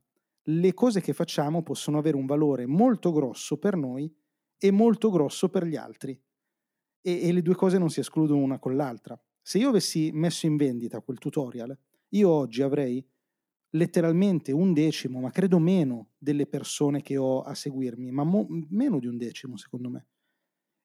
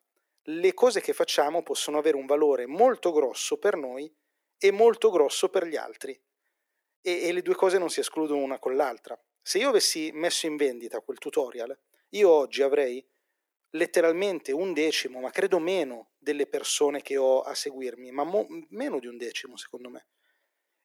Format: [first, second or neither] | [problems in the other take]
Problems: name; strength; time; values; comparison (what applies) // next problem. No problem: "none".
first | thin; very; fading below 450 Hz